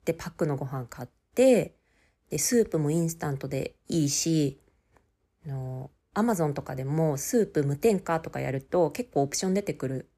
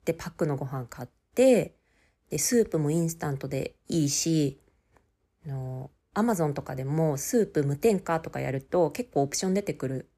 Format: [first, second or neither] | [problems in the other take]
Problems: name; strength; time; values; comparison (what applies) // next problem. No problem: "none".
neither | none